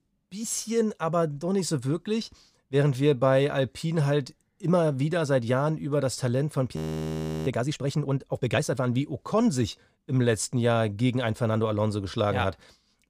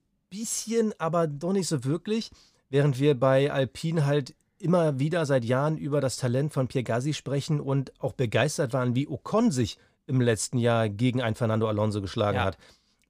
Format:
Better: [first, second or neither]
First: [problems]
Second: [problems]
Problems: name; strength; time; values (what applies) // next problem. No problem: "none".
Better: second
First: audio freezing; at 7 s for 0.5 s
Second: none